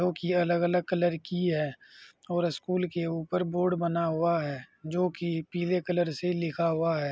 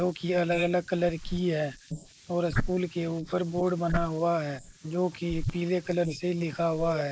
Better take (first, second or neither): first